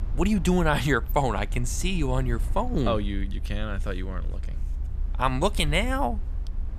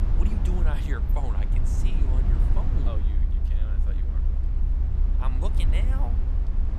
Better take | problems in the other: first | low rumble; loud; throughout; 2 dB below the speech; faint in the first

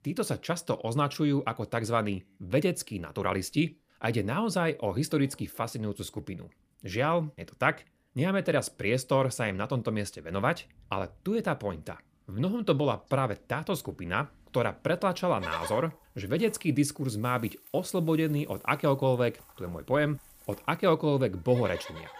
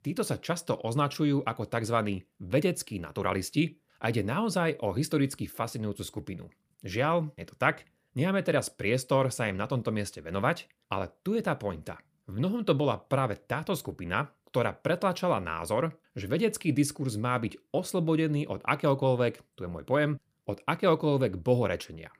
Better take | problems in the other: second | animal sounds; noticeable; throughout; 20 dB below the speech

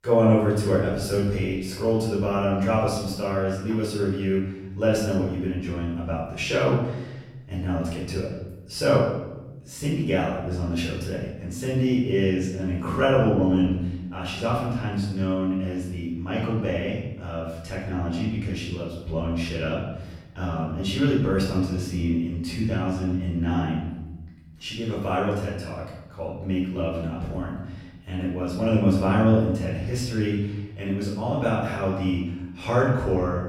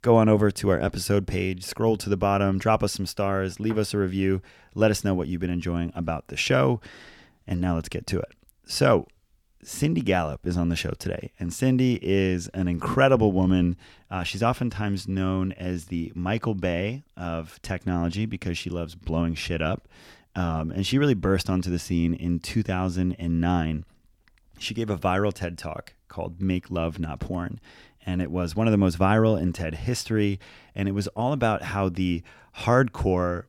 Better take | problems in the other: second | off-mic speech; far // room echo; noticeable; dies away in 0.9 s

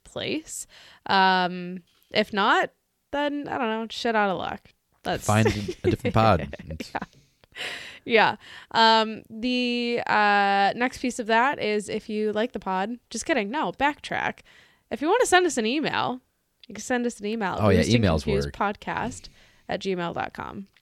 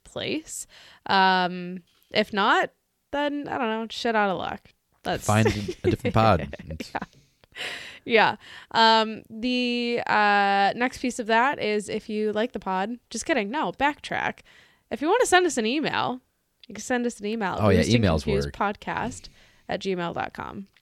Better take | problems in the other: neither | none

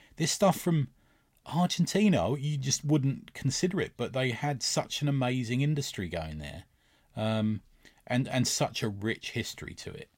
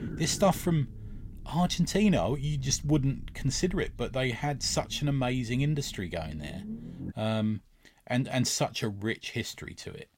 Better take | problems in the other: first | low rumble; faint; until 7 s; 20 dB below the speech

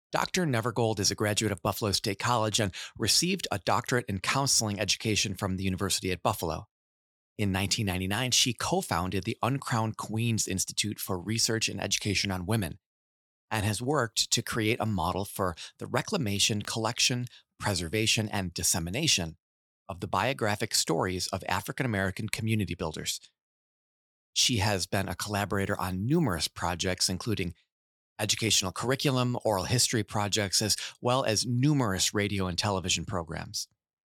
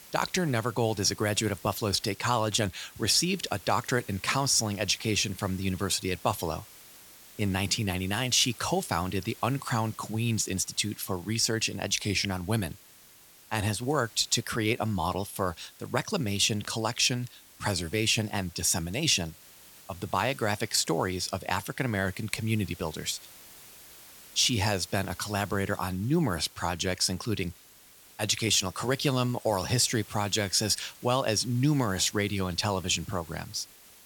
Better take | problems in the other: first | hiss; faint; throughout; 20 dB below the speech

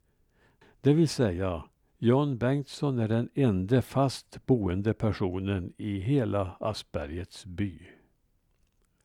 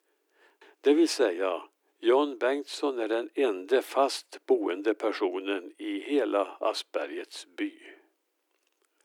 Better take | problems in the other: first | thin; somewhat; fading below 300 Hz

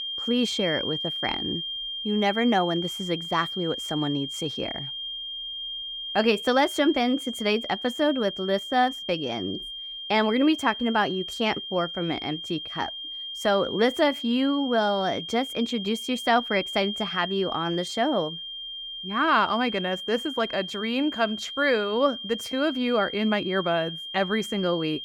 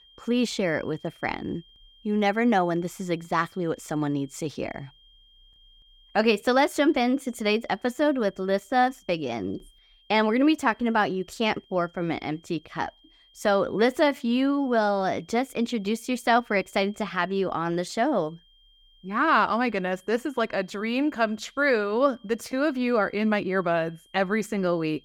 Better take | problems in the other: second | high-pitched whine; loud; throughout; 3 kHz, 6 dB below the speech; faint in the second

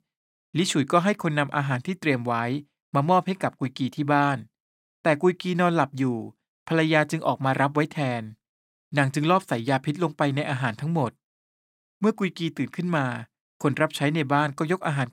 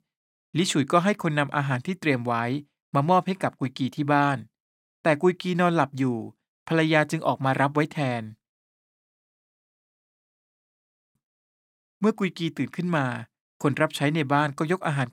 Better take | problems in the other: first | audio freezing; at 9 s for 2.5 s

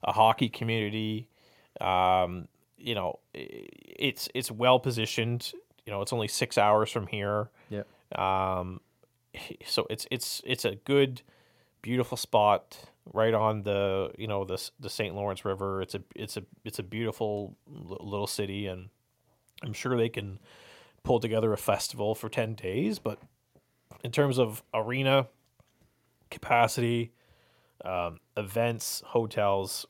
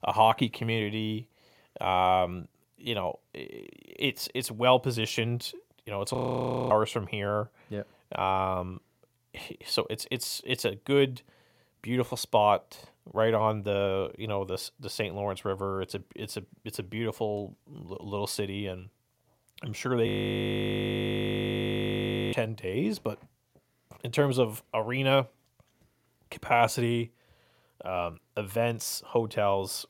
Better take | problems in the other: first | audio freezing; at 6 s for 0.5 s and at 20 s for 2.5 s

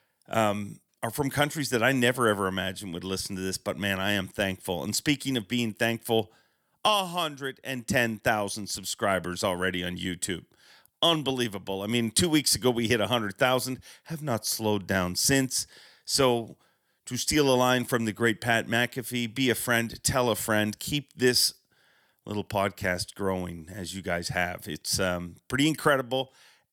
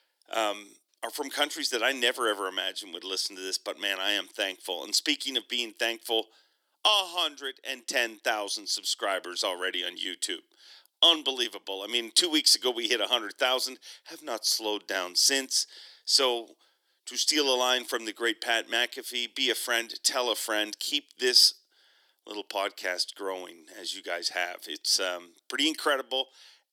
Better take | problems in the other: first | thin; somewhat; fading below 300 Hz

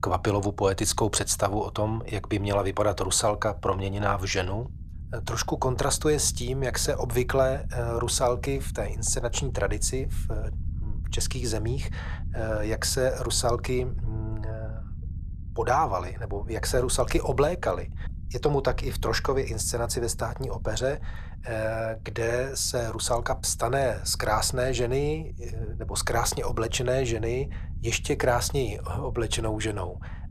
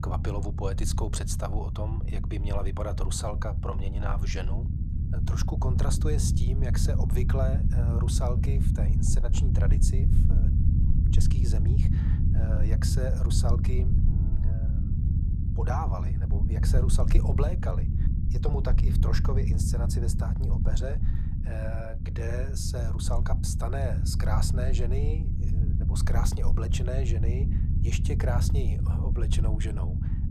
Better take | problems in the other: first | low rumble; loud; throughout; 4 dB below the speech; faint in the first

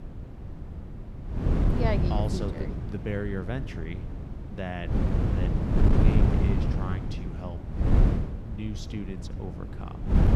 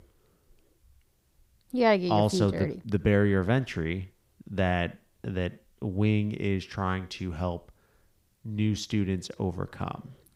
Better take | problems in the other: second | wind noise on the microphone; heavy; 1 dB above the speech

